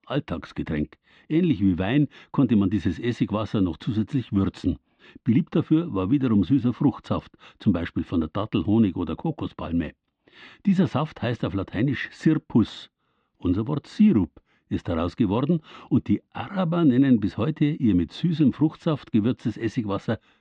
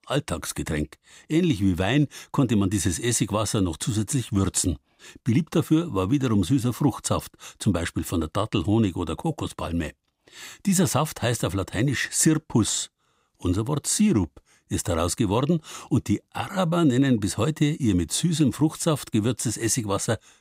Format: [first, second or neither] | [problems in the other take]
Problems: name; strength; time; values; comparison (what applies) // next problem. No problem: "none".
second | muffled; very; fading above 3.5 kHz